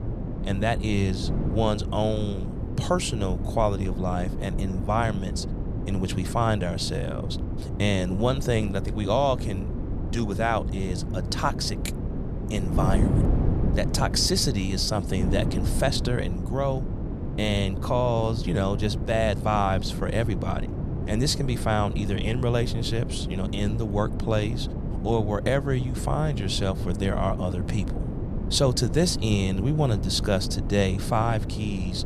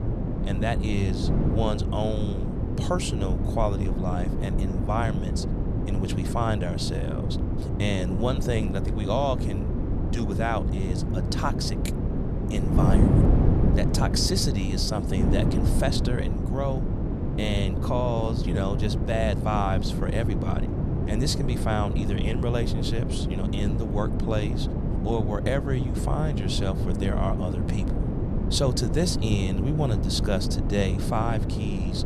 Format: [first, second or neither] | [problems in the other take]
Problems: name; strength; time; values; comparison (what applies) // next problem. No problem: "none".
first | wind noise on the microphone; heavy; 4 dB below the speech; occasional gusts in the first